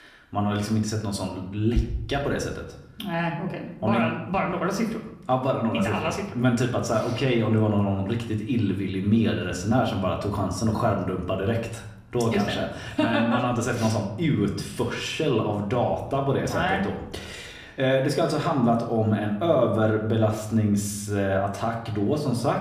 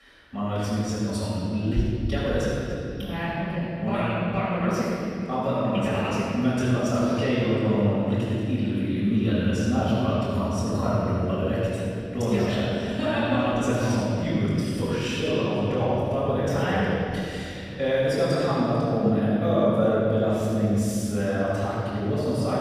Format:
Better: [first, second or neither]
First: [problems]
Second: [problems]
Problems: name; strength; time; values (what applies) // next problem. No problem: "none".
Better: first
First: room echo; slight; dies away in 0.7 s // off-mic speech; somewhat distant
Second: room echo; strong; dies away in 2.9 s // off-mic speech; far